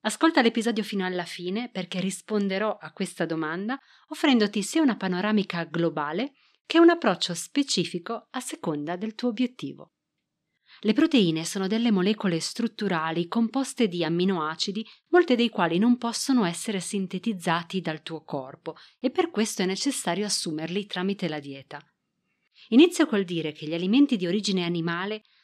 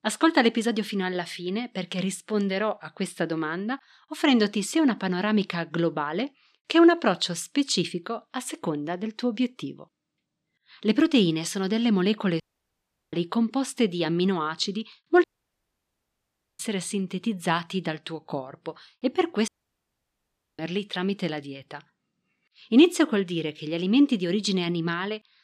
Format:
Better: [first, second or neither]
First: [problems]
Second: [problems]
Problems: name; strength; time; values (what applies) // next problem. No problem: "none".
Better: first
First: none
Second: audio cutting out; at 12 s for 0.5 s, at 15 s for 1.5 s and at 19 s for 1 s